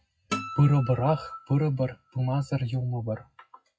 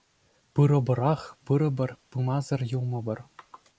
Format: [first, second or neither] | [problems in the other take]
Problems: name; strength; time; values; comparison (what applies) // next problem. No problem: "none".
second | noise reduction (classical method WPE with log-MMSE)